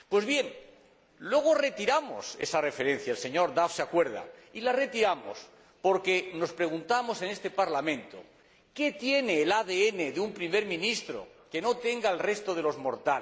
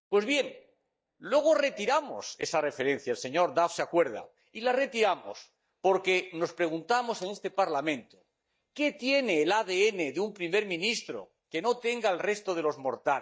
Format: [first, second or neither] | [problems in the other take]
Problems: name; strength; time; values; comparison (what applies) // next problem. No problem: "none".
first | noise reduction (neural mask model DeepFilterNet 3)